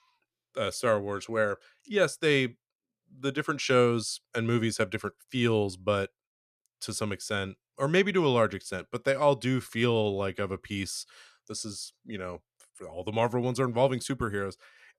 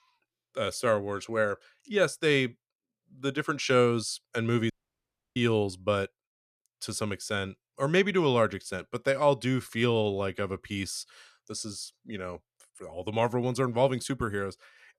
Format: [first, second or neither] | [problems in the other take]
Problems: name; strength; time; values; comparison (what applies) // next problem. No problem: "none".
first | audio cutting out; at 4.5 s for 0.5 s